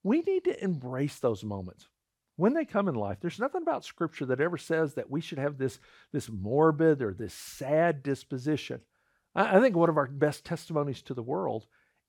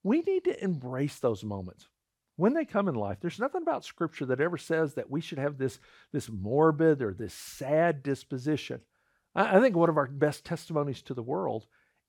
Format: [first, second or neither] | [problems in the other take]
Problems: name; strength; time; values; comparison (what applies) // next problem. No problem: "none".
neither | none